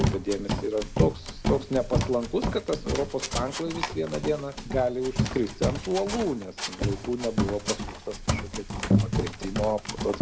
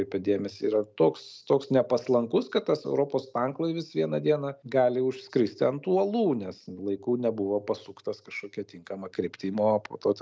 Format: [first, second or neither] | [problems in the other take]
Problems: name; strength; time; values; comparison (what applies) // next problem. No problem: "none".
second | background sound (Run); as loud as the speech